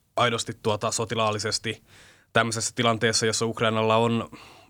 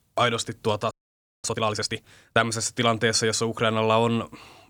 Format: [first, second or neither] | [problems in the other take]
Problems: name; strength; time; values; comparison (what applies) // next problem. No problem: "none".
first | audio freezing; at 1 s for 0.5 s